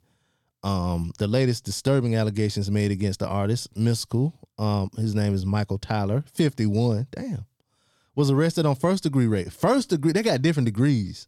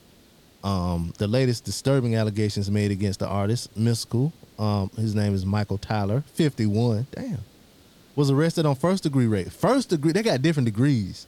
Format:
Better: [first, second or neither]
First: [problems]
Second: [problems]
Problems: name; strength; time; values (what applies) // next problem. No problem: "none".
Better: first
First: none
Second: hiss; faint; throughout; 30 dB below the speech